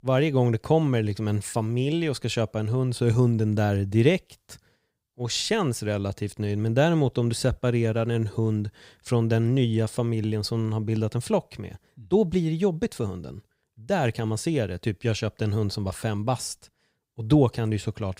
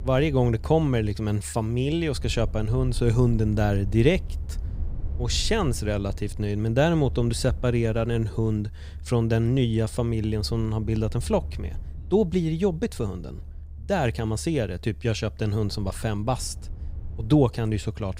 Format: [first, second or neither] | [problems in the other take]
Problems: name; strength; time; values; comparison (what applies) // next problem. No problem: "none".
first | low rumble; faint; throughout; 25 dB below the speech